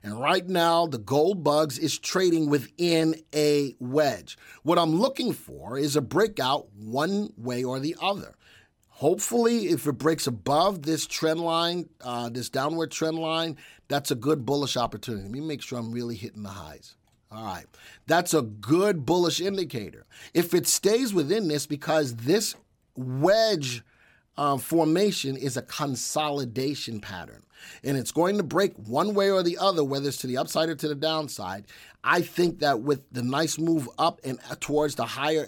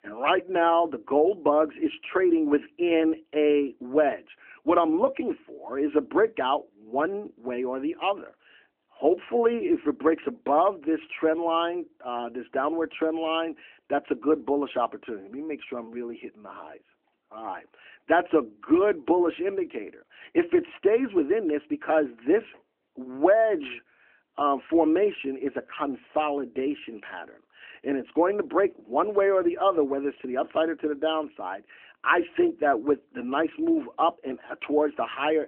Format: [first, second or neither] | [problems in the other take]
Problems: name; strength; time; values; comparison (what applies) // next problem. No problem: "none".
first | phone-call audio; nothing above 3 kHz